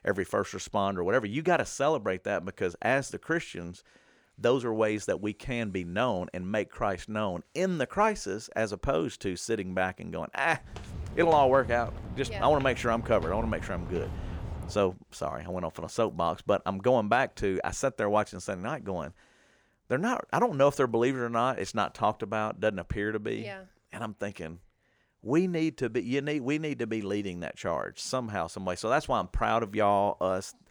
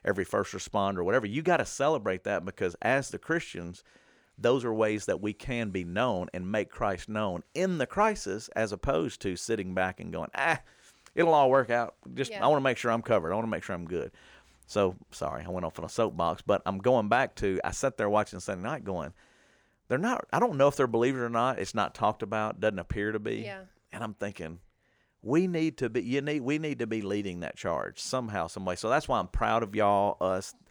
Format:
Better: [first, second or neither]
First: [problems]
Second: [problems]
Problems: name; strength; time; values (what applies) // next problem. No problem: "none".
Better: second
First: footsteps; noticeable; from 11 to 15 s; peak 8 dB below the speech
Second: none